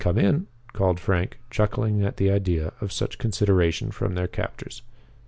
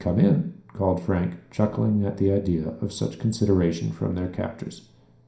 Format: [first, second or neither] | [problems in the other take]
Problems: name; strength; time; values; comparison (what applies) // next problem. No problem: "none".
first | room echo; dies away in 0.5 s